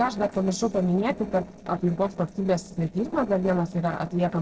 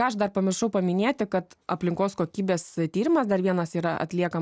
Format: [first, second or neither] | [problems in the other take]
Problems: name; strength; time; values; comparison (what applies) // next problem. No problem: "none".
second | noise reduction (neural separator model SepFormer DNS4)